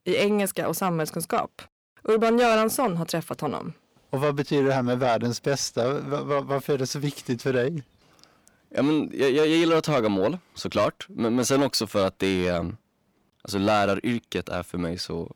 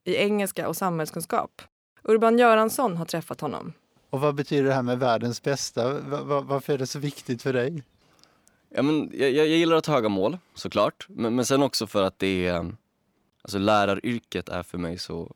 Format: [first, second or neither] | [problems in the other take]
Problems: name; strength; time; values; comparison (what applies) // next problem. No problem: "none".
second | distortion; slight; 10 dB below the speech